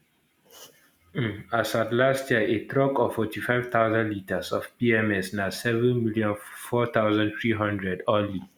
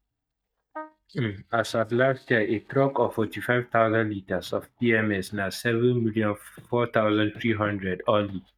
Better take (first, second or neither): first